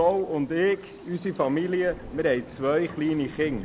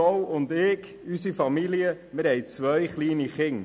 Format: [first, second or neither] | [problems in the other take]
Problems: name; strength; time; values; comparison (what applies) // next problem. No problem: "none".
second | background sound (Stream / Bird vocalization, bird call, bird song); 18 dB below the speech